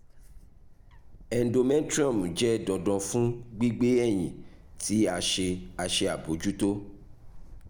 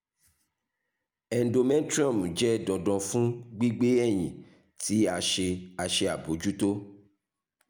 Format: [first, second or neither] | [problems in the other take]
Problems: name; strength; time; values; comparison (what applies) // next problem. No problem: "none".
second | background sound (Bird); 17 dB below the speech